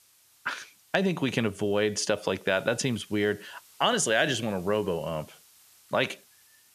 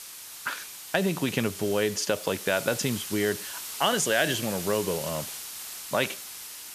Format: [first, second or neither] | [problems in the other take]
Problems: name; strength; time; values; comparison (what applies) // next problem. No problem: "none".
first | hiss; loud; throughout; 8 dB below the speech; faint in the first